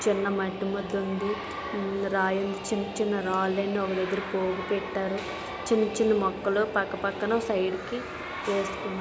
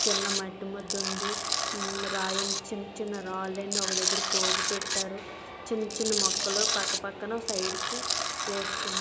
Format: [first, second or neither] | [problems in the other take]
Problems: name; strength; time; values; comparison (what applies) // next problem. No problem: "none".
first | background sound (Tools); 3 dB above the speech